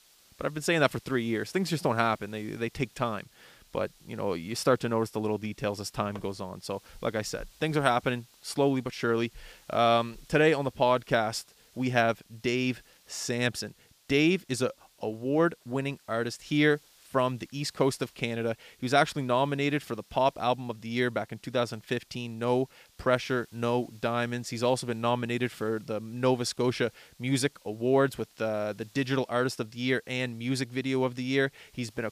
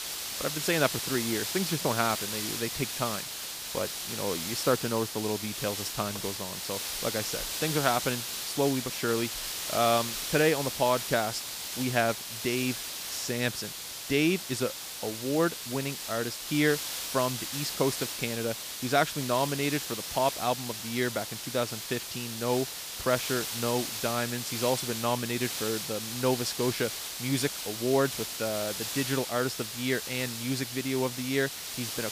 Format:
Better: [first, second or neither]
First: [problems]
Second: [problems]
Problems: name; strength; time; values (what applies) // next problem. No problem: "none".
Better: first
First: hiss; faint; throughout; 30 dB below the speech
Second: hiss; loud; throughout; 3 dB below the speech